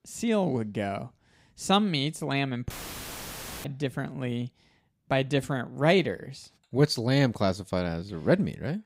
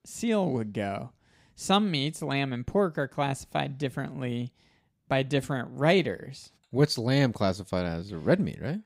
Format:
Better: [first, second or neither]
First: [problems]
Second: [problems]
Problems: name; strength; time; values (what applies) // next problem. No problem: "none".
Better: second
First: audio cutting out; filled with static; at 2.5 s for 1 s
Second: none